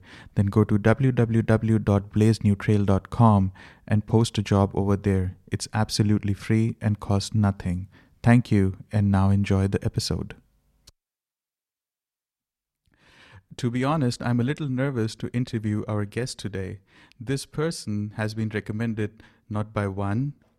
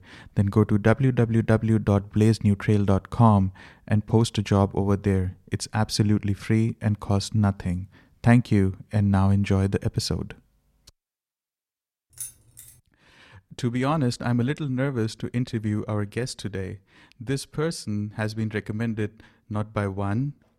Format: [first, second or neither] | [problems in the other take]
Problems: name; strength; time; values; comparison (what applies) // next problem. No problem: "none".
first | jangling keys; faint; at 12 s; peak 10 dB below the speech